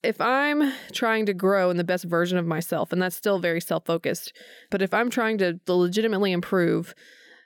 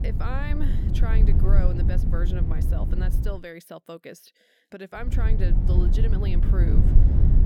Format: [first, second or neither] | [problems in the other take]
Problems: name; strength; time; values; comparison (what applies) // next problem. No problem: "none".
first | low rumble; loud; until 3.5 s and from 5 s on; 1 dB below the speech